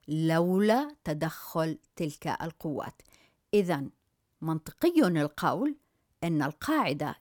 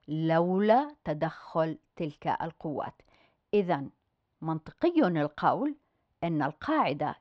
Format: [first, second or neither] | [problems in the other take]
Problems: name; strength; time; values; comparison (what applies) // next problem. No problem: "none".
first | muffled; slightly; fading above 4 kHz